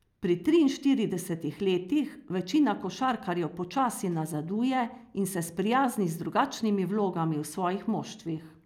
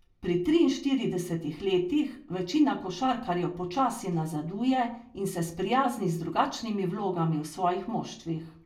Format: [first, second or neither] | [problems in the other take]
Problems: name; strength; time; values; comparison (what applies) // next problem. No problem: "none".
first | room echo; dies away in 0.2 s